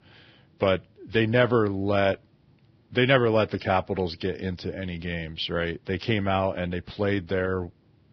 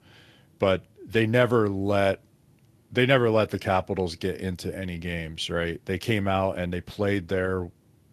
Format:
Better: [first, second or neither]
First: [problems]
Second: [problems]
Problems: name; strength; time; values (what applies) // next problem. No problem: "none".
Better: second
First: garbled, watery; badly; nothing above 5.5 kHz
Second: garbled, watery; slightly; nothing above 14 kHz